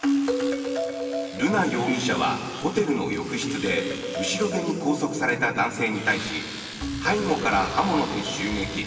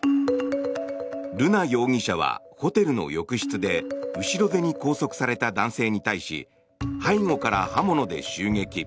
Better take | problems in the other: second | background sound (Domestic sounds, home sounds); 15 dB below the speech // room echo; dies away in 2.6 s

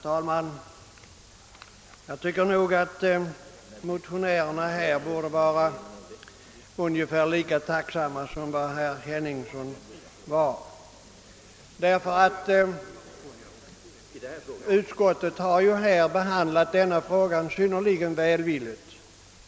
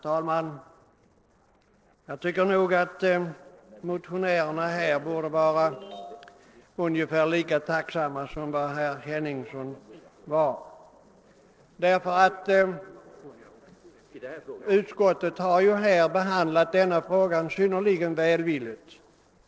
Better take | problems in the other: first | noise reduction (neural separator model SepFormer DNS4)

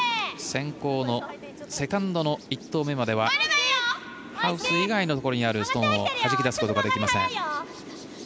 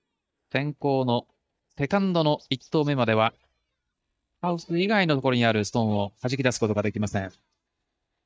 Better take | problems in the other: first | noise reduction (neural mask model DeepFilterNet 3)

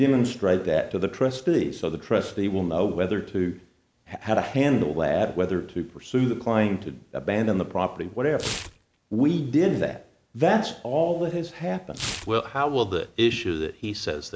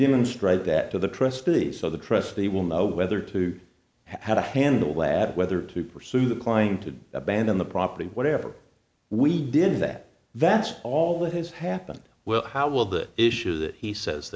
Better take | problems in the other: second | background sound (Tearing); 17 dB below the speech

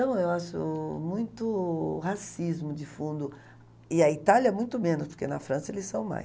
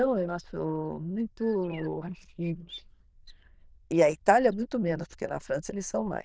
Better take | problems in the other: first | noise reduction (neural diffusion model UNIVERSE++)

